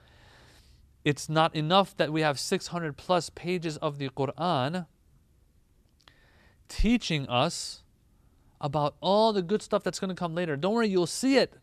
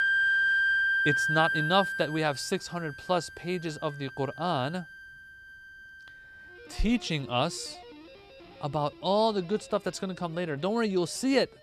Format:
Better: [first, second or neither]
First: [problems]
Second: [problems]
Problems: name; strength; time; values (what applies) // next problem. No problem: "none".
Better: first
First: none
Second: background music; very loud; throughout; 4 dB above the speech